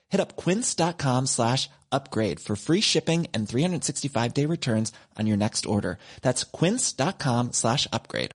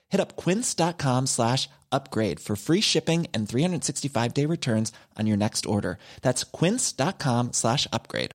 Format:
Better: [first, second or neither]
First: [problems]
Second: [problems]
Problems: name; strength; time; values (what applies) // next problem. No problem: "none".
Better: second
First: garbled, watery; slightly; nothing above 9.5 kHz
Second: none